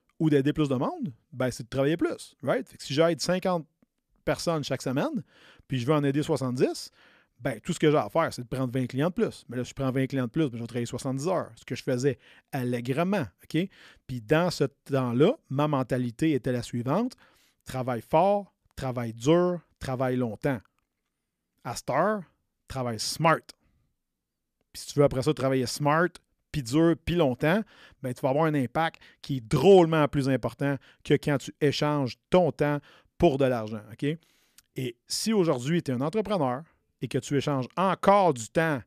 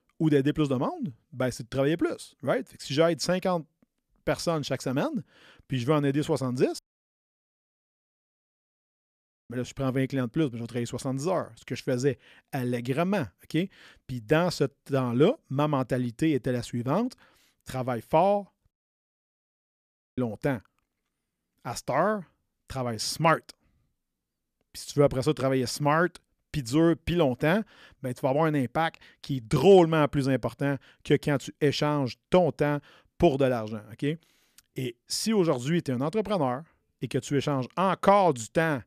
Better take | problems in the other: first | audio cutting out; at 7 s for 2.5 s and at 19 s for 1.5 s

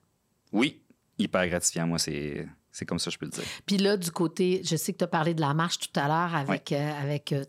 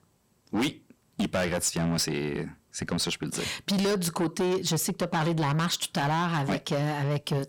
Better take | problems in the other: first | distortion; heavy; 8 dB below the speech

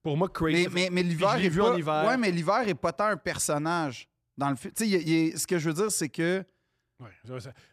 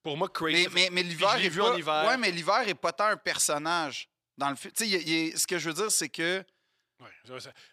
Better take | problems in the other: first | thin; somewhat; fading below 650 Hz

